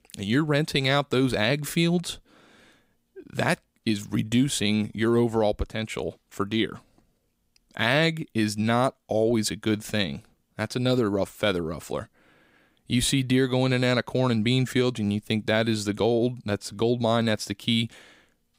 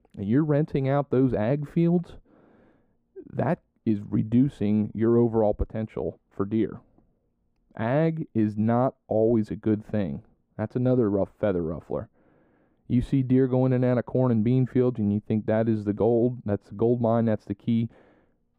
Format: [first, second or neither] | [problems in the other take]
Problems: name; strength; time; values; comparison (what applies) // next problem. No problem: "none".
first | muffled; very; fading above 2 kHz